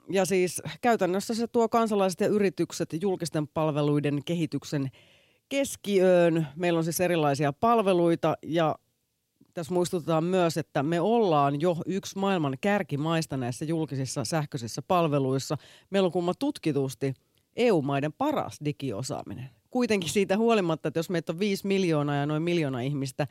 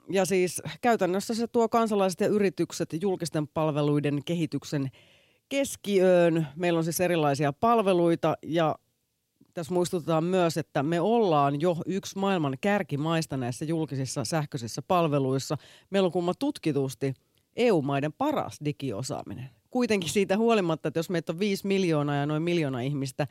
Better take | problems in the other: neither | none

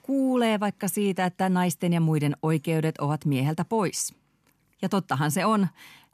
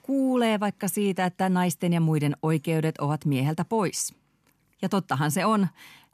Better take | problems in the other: neither | none

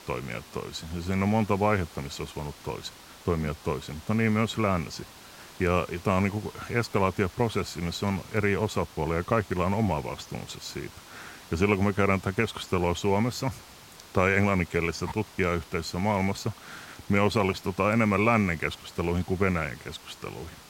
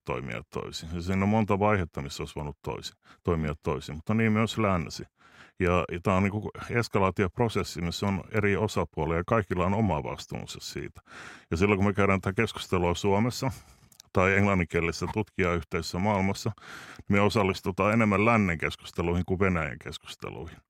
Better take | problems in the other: second | hiss; noticeable; throughout; 20 dB below the speech

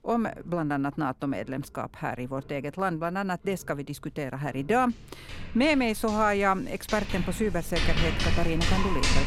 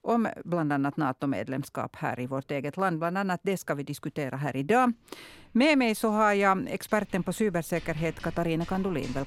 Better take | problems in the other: second | household noises; loud; throughout; 3 dB below the speech; faint in the second

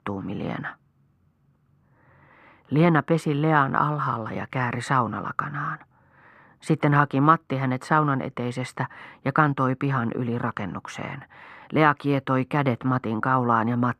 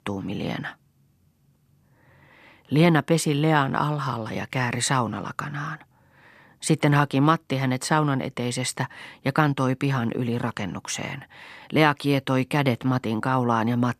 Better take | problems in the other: second | muffled; very; fading above 3 kHz

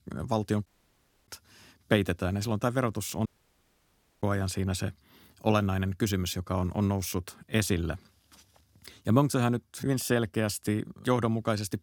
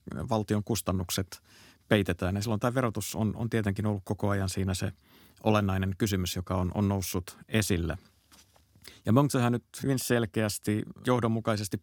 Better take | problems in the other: second | audio cutting out; at 0.5 s for 0.5 s and at 3.5 s for 1 s

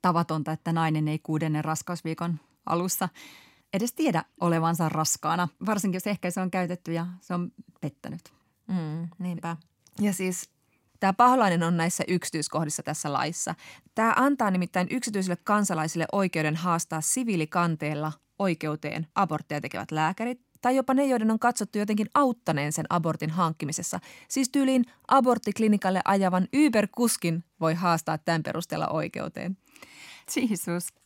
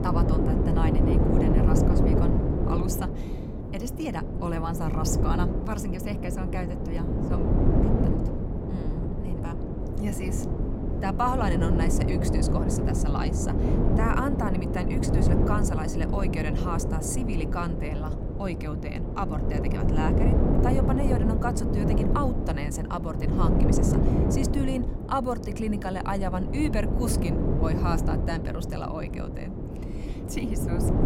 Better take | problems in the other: first | wind noise on the microphone; heavy; as loud as the speech

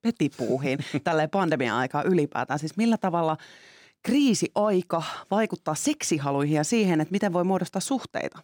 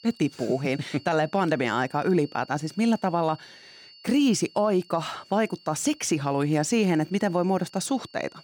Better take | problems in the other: first | high-pitched whine; faint; throughout; 4.5 kHz, 25 dB below the speech

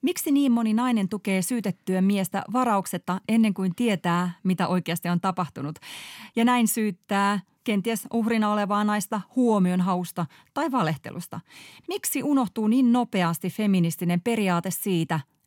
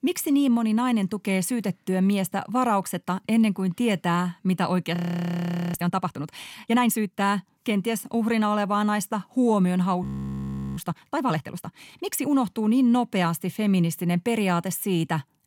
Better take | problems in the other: first | audio freezing; at 5 s for 1 s and at 10 s for 0.5 s

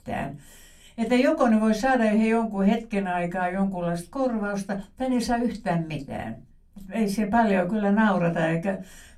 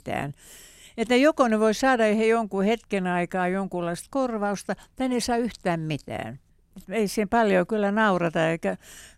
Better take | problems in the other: second | off-mic speech; somewhat distant // room echo; very slight; dies away in 0.2 s

